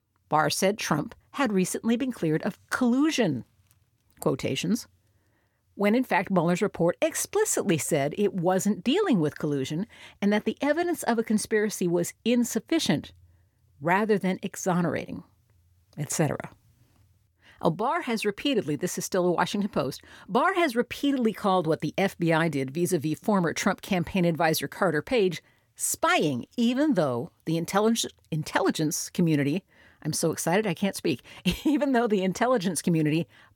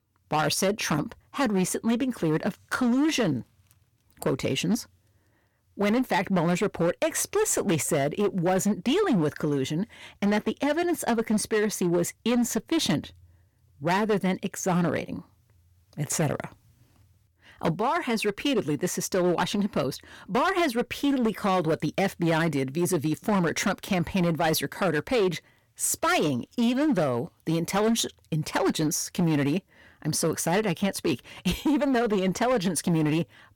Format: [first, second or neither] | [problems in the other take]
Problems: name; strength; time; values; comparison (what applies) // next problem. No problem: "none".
first | distortion; slight; 10% of the sound clipped